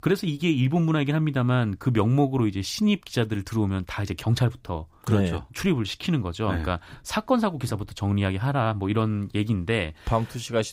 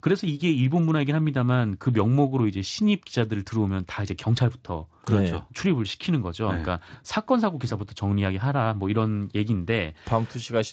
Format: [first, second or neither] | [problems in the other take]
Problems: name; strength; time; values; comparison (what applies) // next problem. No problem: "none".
first | garbled, watery; slightly; nothing above 7.5 kHz